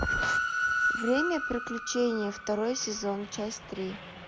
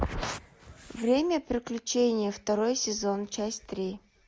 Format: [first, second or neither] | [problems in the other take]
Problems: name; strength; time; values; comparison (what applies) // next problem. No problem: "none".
second | background sound (Train); 1 dB below the speech